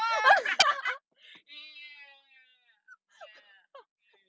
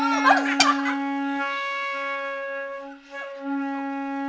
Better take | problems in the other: first | background sound (Wind instrument, woodwind instrument); as loud as the speech // room echo; dies away in 0.4 s

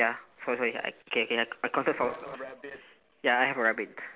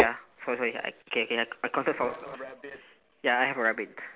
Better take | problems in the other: first | background sound (Writing); 7 dB below the speech

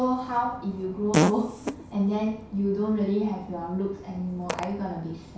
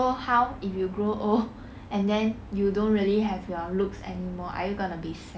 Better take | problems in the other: second | background sound (Fart); 5 dB below the speech // room echo; dies away in 0.6 s

